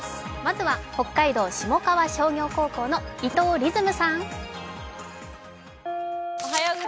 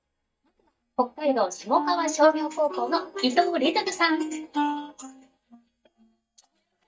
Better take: first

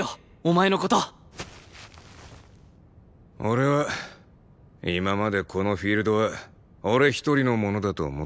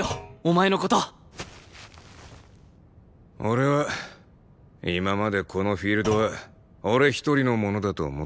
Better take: first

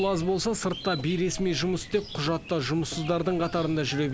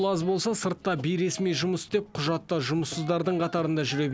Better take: second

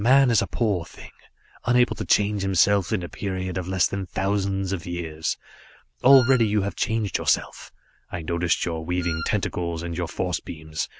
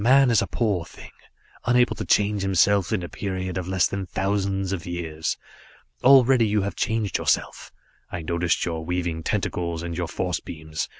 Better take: second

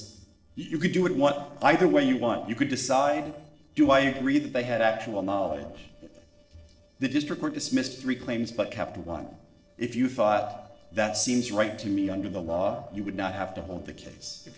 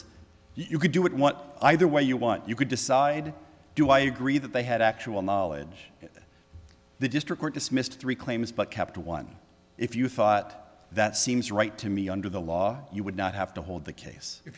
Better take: second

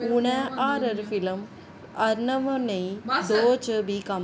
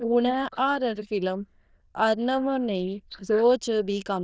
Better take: first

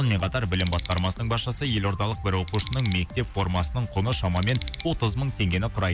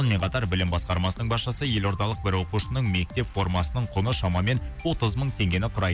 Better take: second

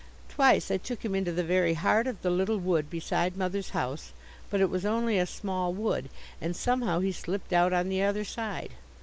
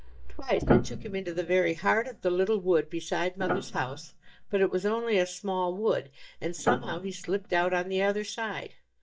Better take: first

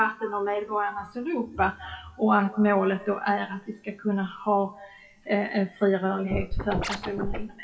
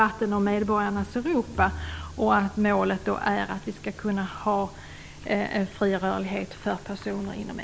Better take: second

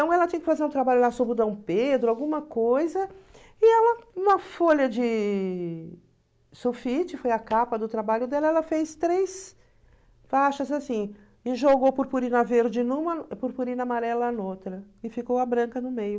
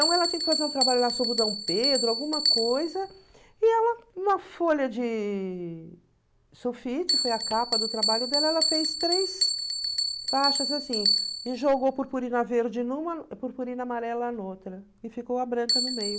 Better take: first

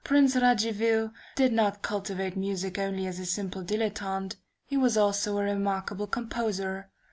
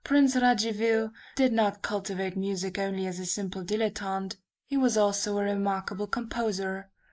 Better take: first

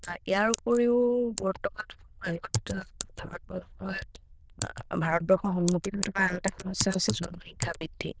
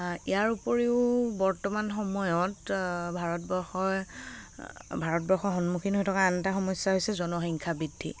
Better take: second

